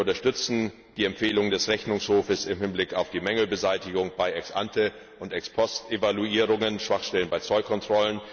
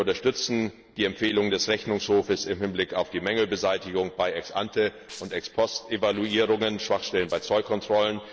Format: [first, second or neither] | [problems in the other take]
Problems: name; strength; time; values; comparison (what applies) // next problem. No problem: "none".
first | noise reduction (neural separator model SepFormer DNS4)